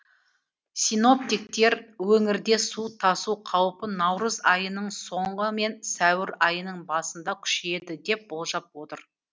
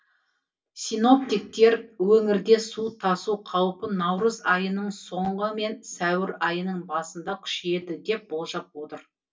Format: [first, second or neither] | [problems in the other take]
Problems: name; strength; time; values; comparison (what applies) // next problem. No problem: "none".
first | room echo; dies away in 0.1 s